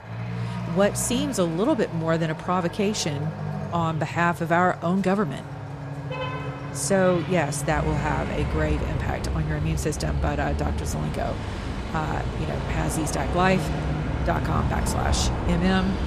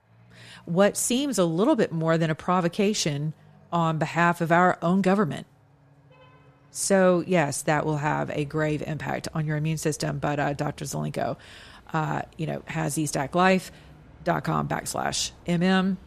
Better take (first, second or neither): second